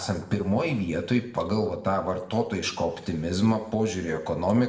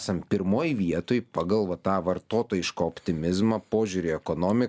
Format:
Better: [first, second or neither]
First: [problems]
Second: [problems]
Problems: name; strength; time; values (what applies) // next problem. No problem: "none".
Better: second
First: room echo; dies away in 0.8 s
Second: none